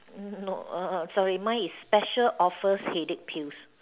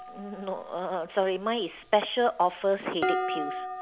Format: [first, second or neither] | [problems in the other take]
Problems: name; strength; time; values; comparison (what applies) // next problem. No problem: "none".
first | background sound (Dishes, pots, and pans); 7 dB below the speech